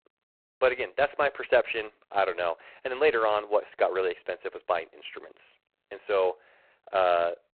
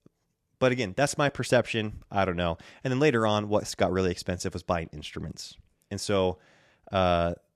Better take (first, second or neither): second